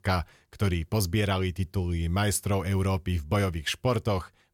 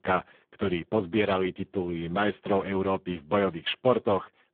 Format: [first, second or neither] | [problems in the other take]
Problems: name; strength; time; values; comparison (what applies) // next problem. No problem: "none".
first | phone-call audio; poor line